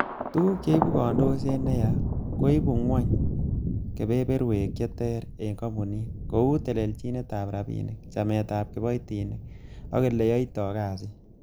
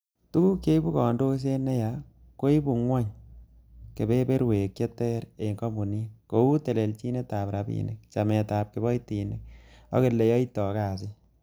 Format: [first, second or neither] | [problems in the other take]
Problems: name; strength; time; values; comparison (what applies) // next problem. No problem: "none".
second | background sound (Thunder); 3 dB below the speech